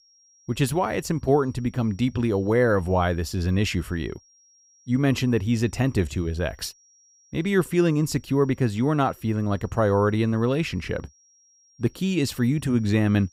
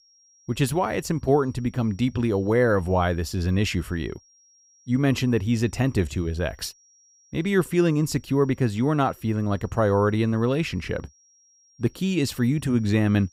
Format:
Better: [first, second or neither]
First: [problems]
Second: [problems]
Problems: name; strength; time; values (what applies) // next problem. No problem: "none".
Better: neither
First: high-pitched whine; faint; throughout; 5.5 kHz, 30 dB below the speech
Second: high-pitched whine; faint; throughout; 5.5 kHz, 30 dB below the speech